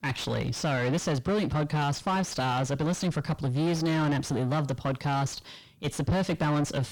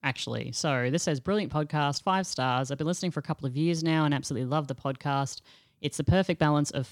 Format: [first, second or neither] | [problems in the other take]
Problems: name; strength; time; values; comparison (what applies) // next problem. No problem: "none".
second | distortion; heavy; 5 dB below the speech